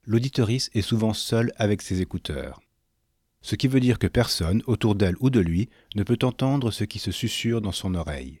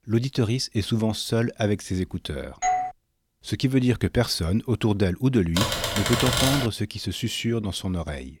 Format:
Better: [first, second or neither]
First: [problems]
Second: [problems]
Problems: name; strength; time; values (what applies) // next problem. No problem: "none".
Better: first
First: none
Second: doorbell; loud; at 2.5 s; peak level with the speech // keyboard typing; loud; from 5.5 to 6.5 s; peak 3 dB above the speech